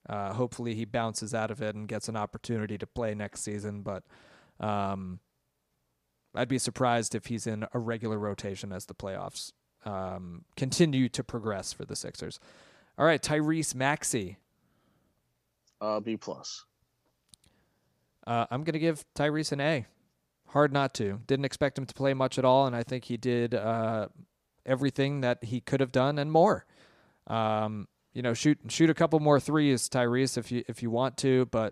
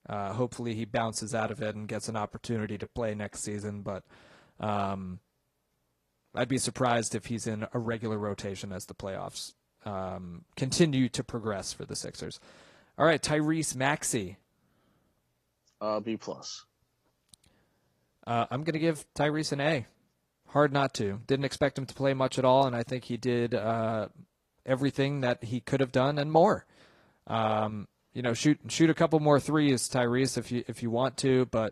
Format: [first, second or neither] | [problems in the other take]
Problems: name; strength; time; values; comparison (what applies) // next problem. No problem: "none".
first | garbled, watery; slightly